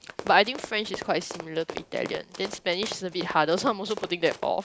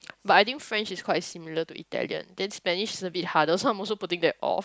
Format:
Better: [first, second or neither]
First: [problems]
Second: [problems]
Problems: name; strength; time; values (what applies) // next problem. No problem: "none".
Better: second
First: background sound (Run); 13 dB below the speech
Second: none